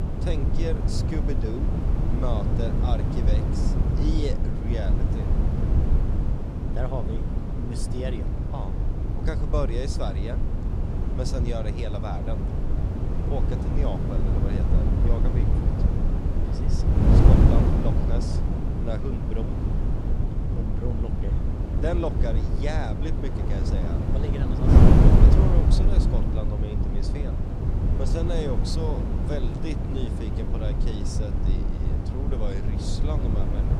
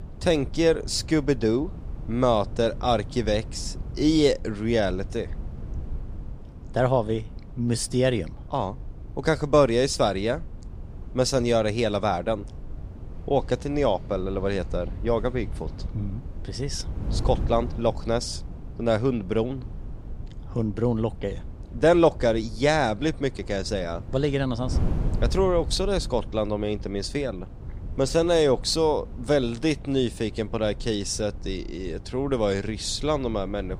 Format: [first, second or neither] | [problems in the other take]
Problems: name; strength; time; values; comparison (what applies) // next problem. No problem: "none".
second | wind noise on the microphone; heavy; 1 dB above the speech; occasional gusts in the second